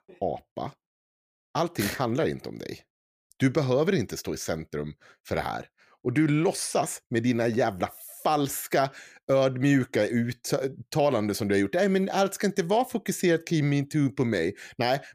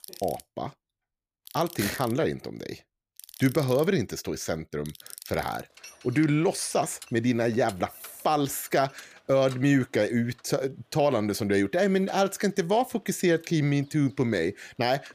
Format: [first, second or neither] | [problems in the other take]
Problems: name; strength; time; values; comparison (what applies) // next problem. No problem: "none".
first | machinery noise; noticeable; throughout; 20 dB below the speech